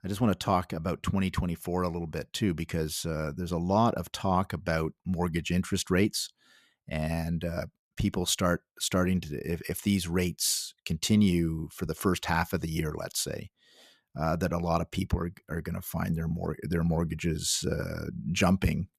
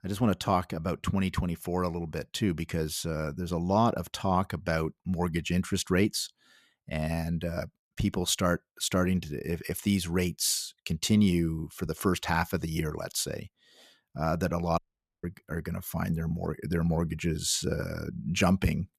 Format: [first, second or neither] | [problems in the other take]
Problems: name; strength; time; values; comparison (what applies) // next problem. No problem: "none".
first | audio cutting out; at 15 s